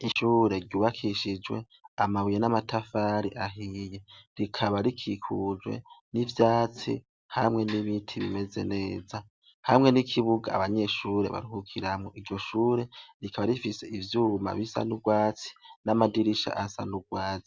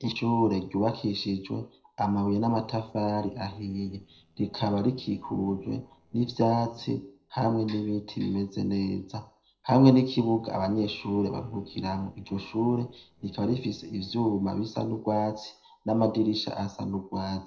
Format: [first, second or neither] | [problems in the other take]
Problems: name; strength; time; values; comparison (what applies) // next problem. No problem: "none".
first | noise reduction (neural separator model SepFormer DNS4)